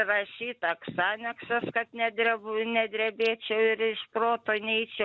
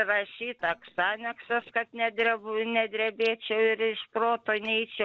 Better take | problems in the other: first | noise reduction (neural separator model SepFormer DNS4)

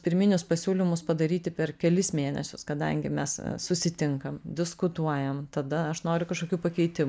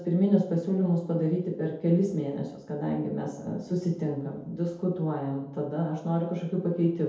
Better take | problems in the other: first | room echo; dies away in 0.8 s

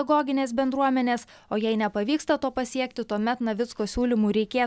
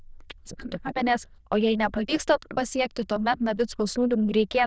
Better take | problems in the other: first | noise reduction (neural diffusion model UNIVERSE++)

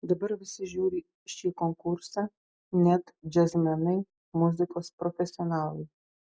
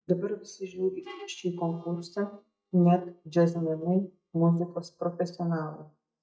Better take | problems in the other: first | noise reduction (neural mask model DeepFilterNet 3)

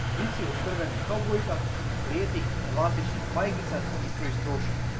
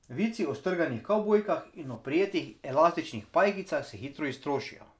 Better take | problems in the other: second | background sound (Engine); 4 dB above the speech

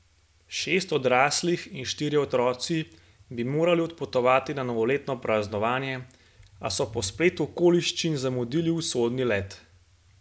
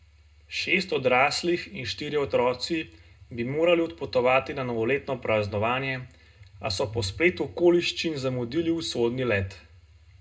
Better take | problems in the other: first | room echo; dies away in 0.2 s

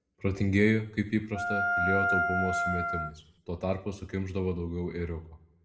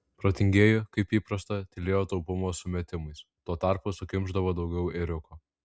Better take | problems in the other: second | background sound (Wind instrument, woodwind instrument); 2 dB above the speech // room echo; dies away in 0.5 s

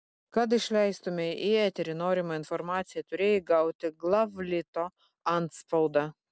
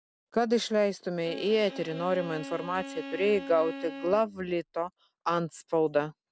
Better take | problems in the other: first | background sound (Bowed string instrument); 12 dB below the speech

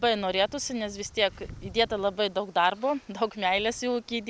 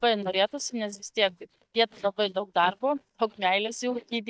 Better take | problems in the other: first | noise reduction (neural mask model DeepFilterNet 3)

